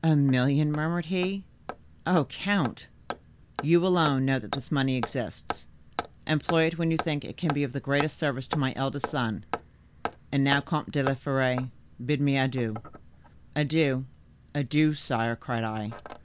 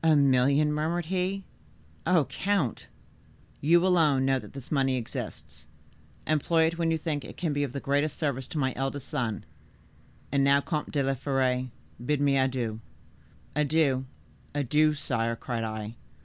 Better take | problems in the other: second | background sound (Hammer); 13 dB below the speech

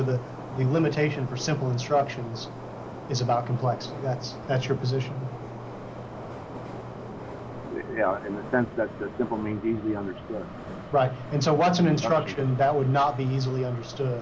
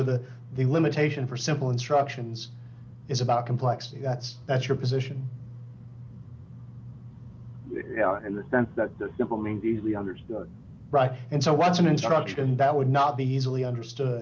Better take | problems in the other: second | background sound (Subway, metro, underground); 13 dB below the speech

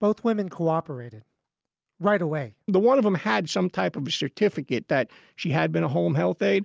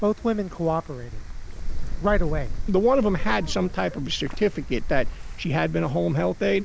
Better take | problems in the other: first | background sound (Wind); 3 dB below the speech

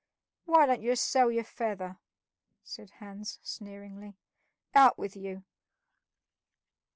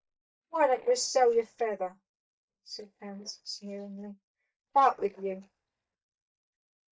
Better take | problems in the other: first | noise reduction (neural mask model DeepFilterNet 3)

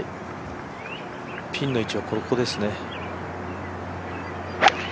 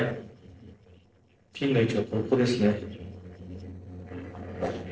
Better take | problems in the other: first | noise reduction (neural separator model SepFormer DNS4)

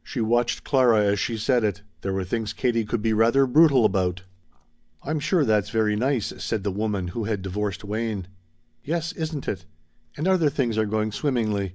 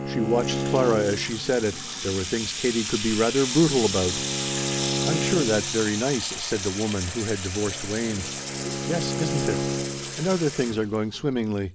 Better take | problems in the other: first | background sound (Bowed string instrument + Sink (filling or washing) / Water tap, faucet); 3 dB below the speech

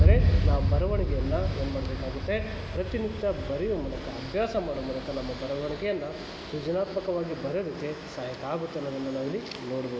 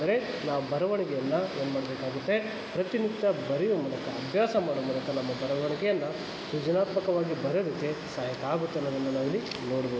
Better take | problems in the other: second | background sound (Boom); 2 dB above the speech

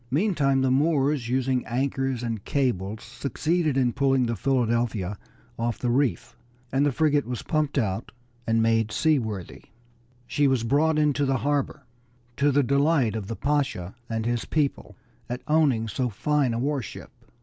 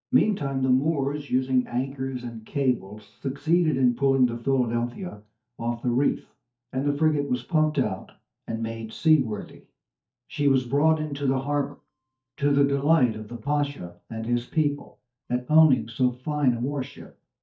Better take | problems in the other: first | noise reduction (neural mask model DeepFilterNet 3)

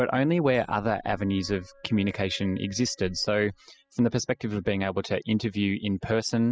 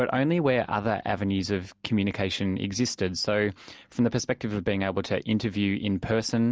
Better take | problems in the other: second | noise reduction (classical method spectral subtraction)

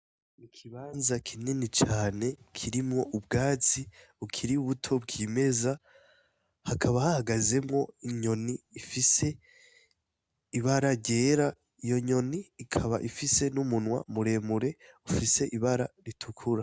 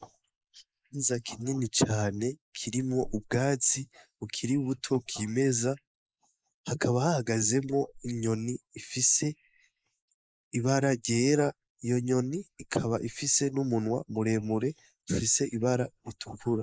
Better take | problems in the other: first | noise reduction (neural mask model Resemble Enhance denoiser)

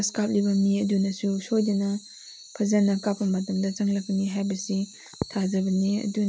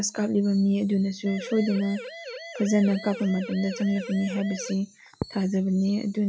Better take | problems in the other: first | noise reduction (classical method log-MMSE)

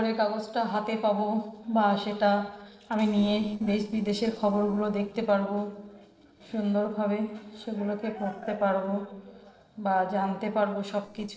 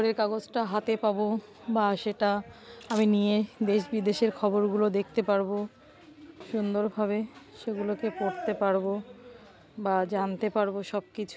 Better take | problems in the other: second | noise reduction (neural separator model SepFormer DNS4)

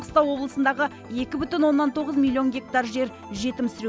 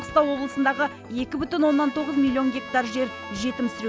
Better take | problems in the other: first | background sound (Trumpet); 15 dB below the speech

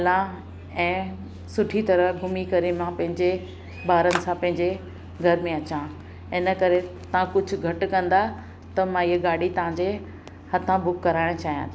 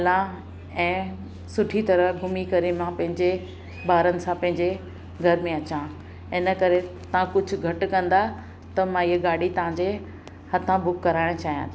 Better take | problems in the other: second | background sound (Clapping); 5 dB below the speech

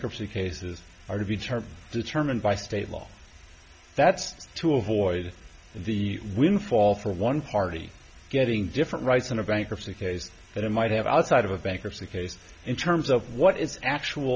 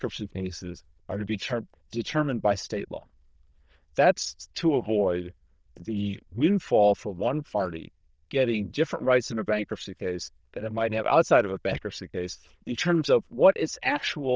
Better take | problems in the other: first | noise reduction (neural diffusion model UNIVERSE++)

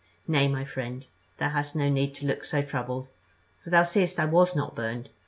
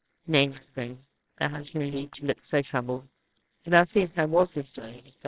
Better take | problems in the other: first | noise reduction (neural separator model SepFormer WHAMR!)

